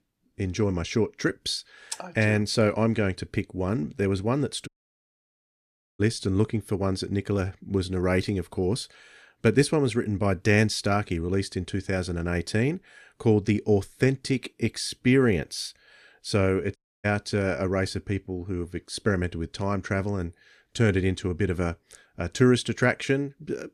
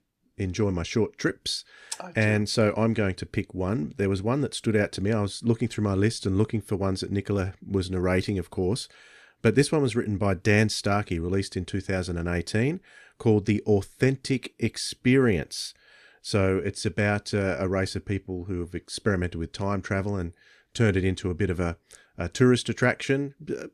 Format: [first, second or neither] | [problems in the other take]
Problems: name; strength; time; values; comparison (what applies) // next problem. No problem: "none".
second | audio cutting out; at 4.5 s for 1.5 s and at 17 s